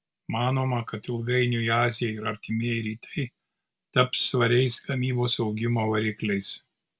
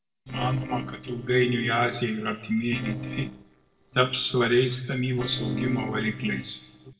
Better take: first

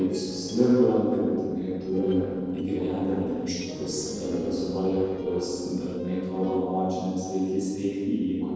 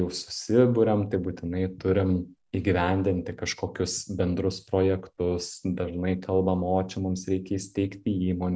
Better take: second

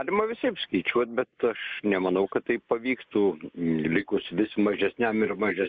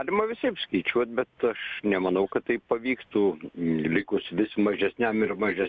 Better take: second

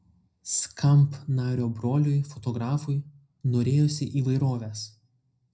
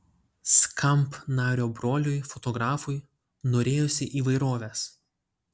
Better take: second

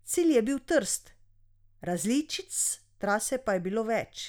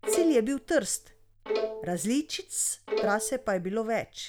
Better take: first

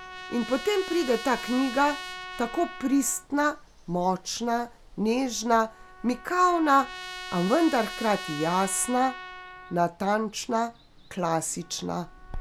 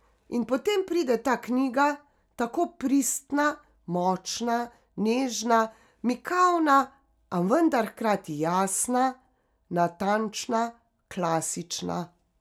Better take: second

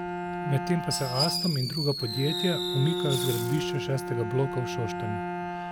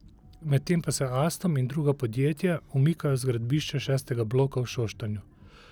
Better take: second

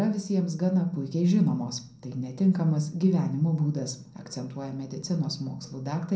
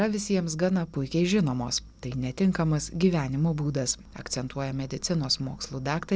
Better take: second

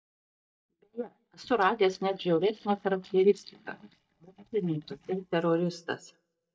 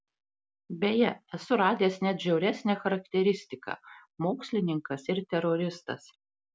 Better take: second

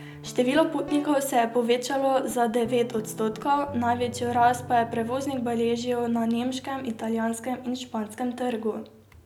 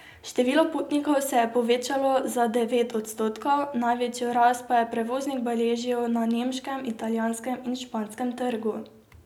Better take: second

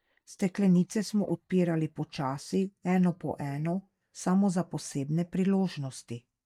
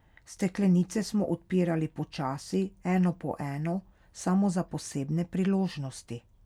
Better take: second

